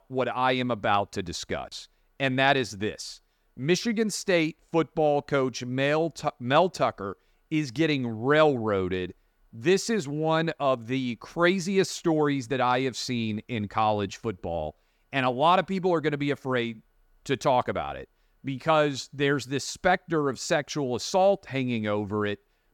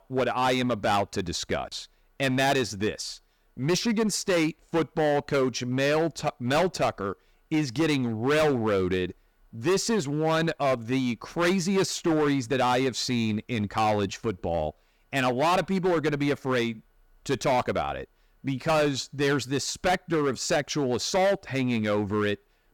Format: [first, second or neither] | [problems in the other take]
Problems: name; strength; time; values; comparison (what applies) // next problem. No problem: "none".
first | distortion; heavy; 11% of the sound clipped